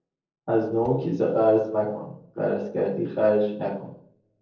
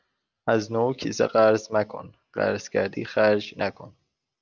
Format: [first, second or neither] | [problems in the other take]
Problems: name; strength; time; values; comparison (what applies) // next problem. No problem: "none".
second | noise reduction (neural separator model SepFormer DNS4)